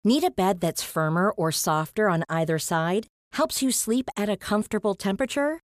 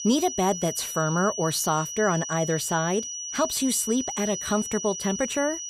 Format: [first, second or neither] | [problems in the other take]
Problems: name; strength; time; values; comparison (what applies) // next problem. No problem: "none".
first | high-pitched whine; loud; throughout; 6 kHz, 6 dB below the speech